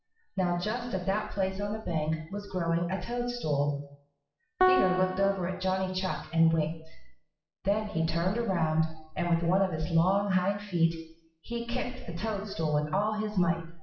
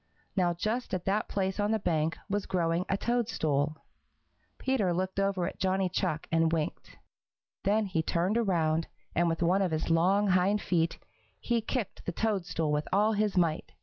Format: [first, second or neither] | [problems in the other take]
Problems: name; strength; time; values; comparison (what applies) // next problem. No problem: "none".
second | noise reduction (classical method WPE with log-MMSE)